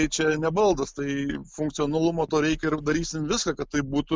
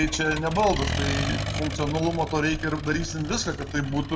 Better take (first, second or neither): first